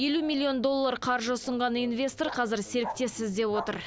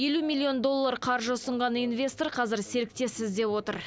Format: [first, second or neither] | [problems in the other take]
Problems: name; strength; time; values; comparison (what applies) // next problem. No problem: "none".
second | background sound (Bark); 16 dB below the speech